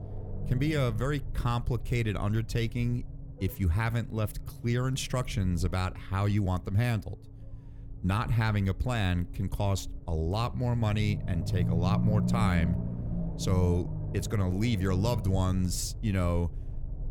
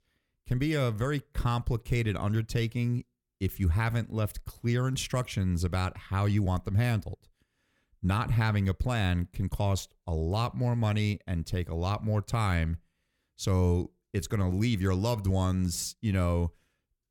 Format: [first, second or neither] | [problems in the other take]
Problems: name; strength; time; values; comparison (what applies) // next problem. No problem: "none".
second | low rumble; noticeable; throughout; 10 dB below the speech